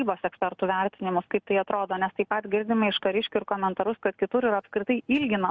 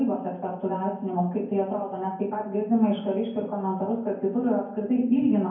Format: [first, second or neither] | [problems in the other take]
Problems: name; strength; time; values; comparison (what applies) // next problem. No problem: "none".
first | room echo; dies away in 0.9 s